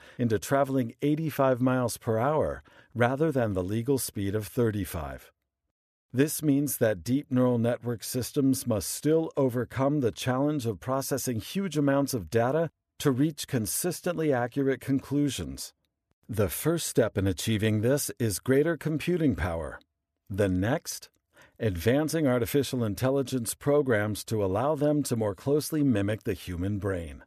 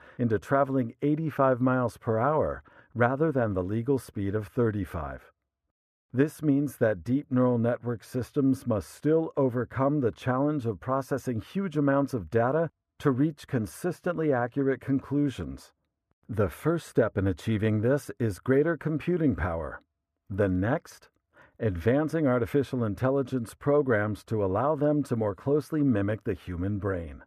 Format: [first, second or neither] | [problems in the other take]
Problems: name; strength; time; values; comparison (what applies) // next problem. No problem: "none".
first | muffled; very; fading above 3 kHz